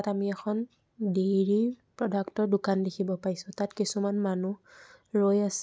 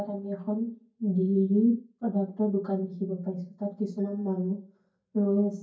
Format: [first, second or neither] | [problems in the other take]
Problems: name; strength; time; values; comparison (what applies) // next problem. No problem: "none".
first | noise reduction (neural mask model DeepFilterNet 3)